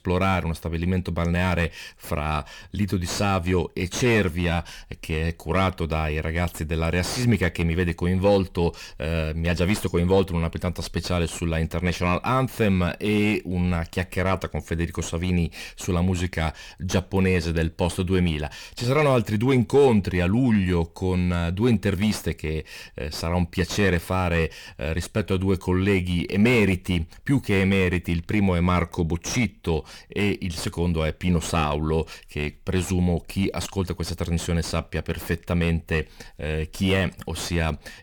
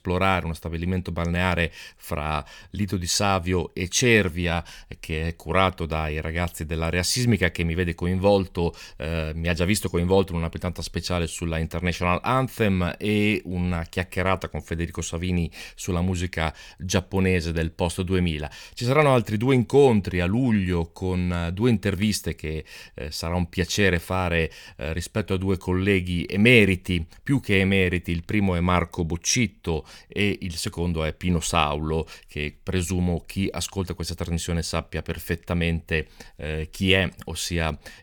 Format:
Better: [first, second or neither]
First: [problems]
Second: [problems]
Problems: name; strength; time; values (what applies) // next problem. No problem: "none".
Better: second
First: distortion; slight; 10 dB below the speech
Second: none